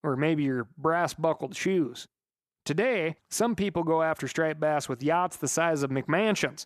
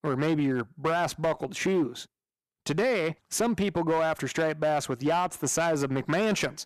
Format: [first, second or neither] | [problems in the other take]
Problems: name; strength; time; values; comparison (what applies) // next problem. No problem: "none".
first | distortion; slight; 8% of the sound clipped